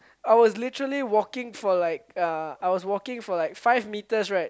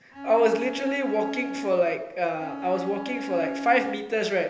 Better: first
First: none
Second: background sound (Bowed string instrument); 9 dB below the speech // room echo; dies away in 0.8 s

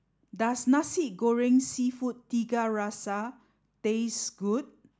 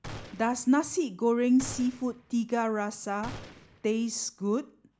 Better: first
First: none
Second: background sound (Gunshot, gunfire); 17 dB below the speech

